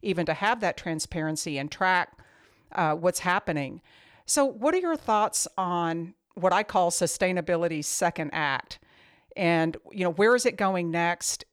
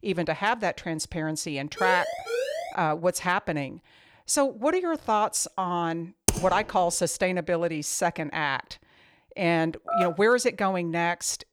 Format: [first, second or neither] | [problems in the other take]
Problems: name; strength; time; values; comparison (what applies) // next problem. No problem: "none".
first | siren; noticeable; at 2 s; peak 3 dB below the speech // keyboard typing; loud; at 6.5 s; peak level with the speech // phone ringing; noticeable; at 10 s; peak 1 dB below the speech